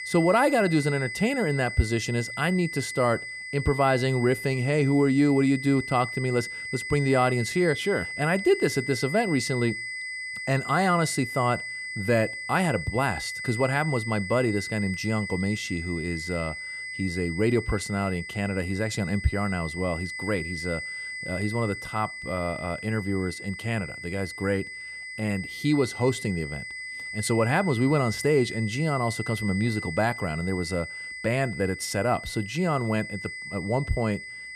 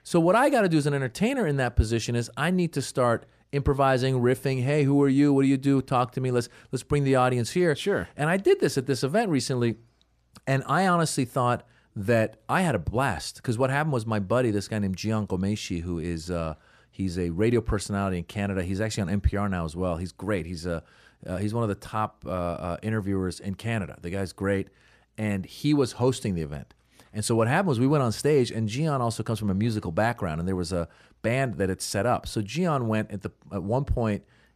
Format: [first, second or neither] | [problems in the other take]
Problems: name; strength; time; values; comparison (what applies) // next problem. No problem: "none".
second | high-pitched whine; loud; throughout; 2 kHz, 8 dB below the speech